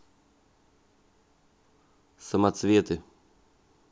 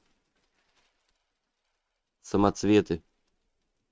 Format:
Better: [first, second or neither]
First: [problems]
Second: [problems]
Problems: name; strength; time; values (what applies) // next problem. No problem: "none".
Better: first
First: none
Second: noise reduction (neural mask model RNNoise)